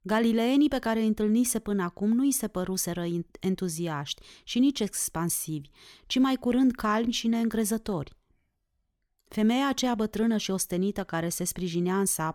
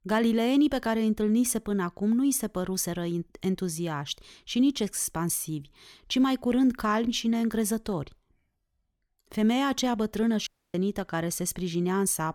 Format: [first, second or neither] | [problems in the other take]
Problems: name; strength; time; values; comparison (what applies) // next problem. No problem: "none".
first | audio cutting out; at 10 s